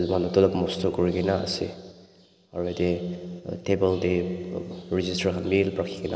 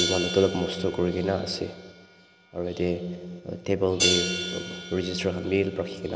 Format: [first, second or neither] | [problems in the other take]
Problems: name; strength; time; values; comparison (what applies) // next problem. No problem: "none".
first | background sound (Hi-hat); 6 dB below the speech